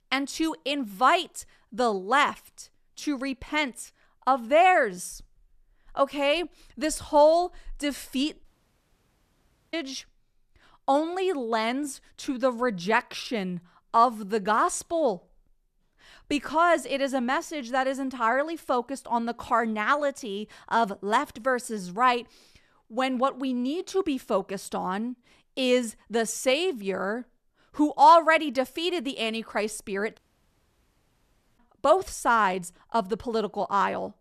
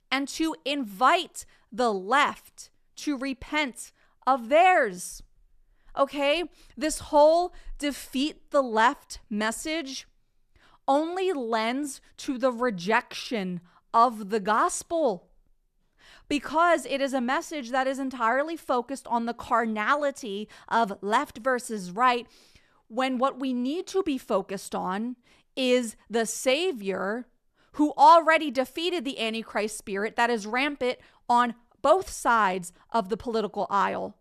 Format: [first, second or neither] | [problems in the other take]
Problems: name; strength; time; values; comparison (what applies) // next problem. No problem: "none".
second | audio cutting out; at 8.5 s for 1.5 s and at 30 s for 1.5 s